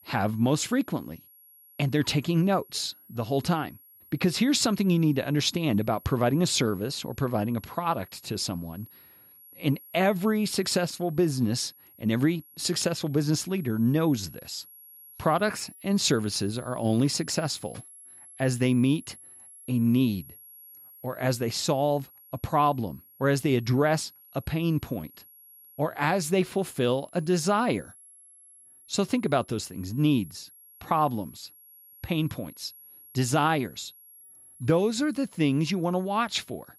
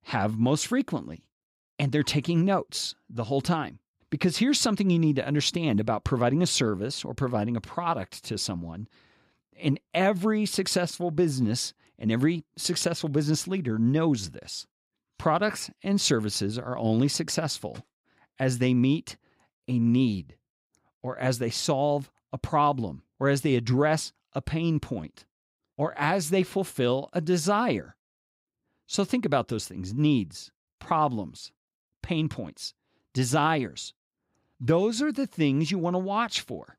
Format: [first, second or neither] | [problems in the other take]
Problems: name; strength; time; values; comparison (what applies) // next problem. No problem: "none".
second | high-pitched whine; faint; throughout; 11.5 kHz, 20 dB below the speech